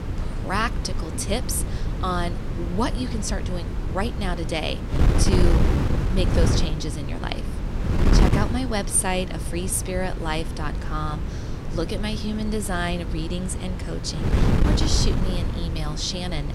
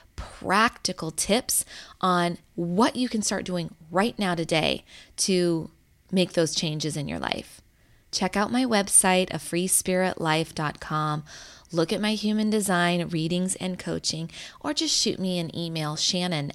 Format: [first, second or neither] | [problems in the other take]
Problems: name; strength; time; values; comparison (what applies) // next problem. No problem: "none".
second | wind noise on the microphone; heavy; 5 dB below the speech